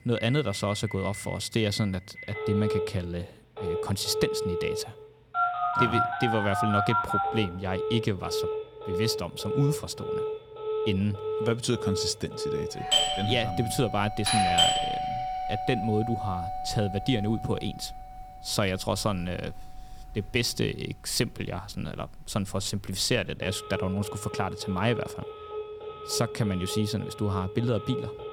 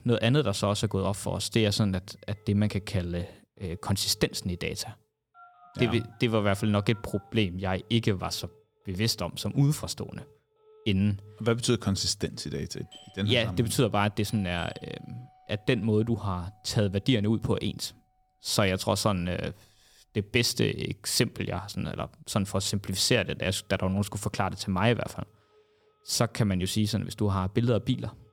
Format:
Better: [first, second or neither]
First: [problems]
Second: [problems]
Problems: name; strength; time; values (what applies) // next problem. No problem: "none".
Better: second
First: alarms or sirens; loud; throughout; 1 dB below the speech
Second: alarms or sirens; faint; throughout; 30 dB below the speech